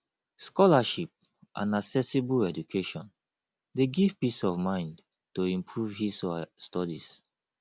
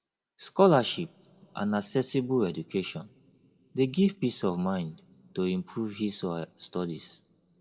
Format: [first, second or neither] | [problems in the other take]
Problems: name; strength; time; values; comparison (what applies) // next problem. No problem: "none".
first | room echo; dies away in 0.8 s